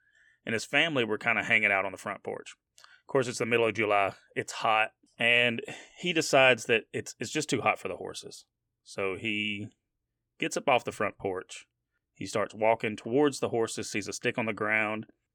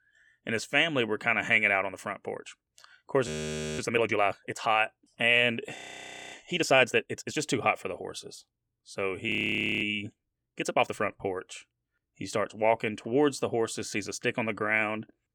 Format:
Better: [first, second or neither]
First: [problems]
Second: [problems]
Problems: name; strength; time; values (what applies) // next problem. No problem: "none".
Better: first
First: none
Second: audio freezing; at 3.5 s for 0.5 s, at 6 s for 0.5 s and at 9.5 s for 0.5 s